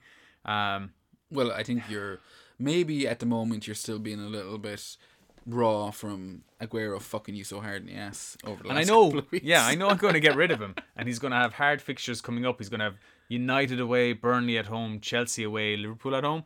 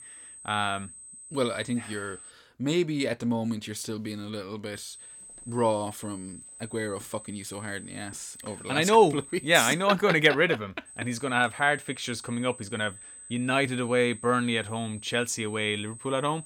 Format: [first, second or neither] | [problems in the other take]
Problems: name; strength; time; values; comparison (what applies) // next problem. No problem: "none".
first | high-pitched whine; noticeable; until 2.5 s, from 5 to 10 s and from 11 s on; 8 kHz, 15 dB below the speech